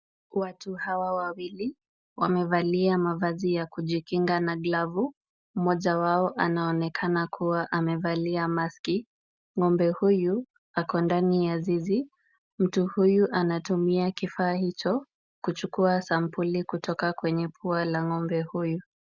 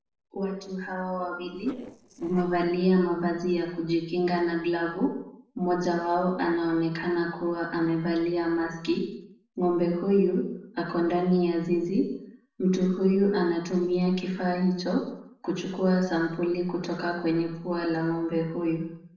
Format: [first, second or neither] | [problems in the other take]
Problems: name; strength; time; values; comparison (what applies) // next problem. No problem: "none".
first | noise reduction (neural separator model SepFormer DNS4)